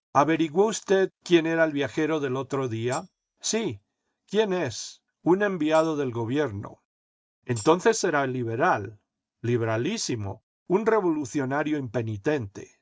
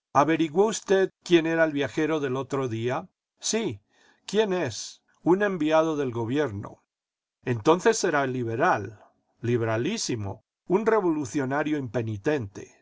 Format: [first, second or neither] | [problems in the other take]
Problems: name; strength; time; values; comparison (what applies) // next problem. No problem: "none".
second | noise reduction (neural mask model RNNoise)